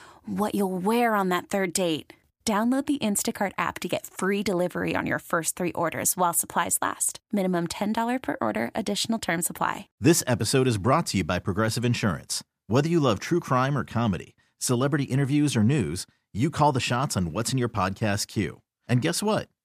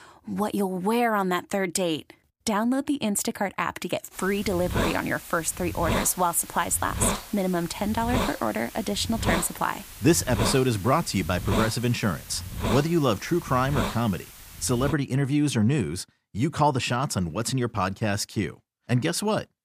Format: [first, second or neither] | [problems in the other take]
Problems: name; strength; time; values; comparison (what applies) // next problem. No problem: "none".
first | hiss; loud; from 4 to 15 s; 7 dB below the speech